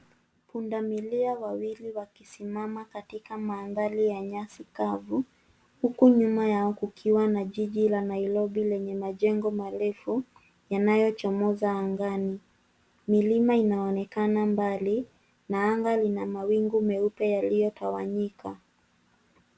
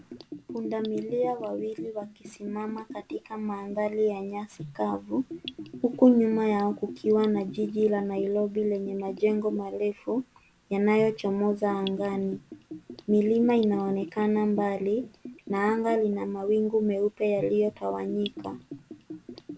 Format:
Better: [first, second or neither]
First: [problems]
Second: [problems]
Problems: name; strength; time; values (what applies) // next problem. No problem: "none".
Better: first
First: none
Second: background sound (Bathtub (filling or washing) / Gurgling); 15 dB below the speech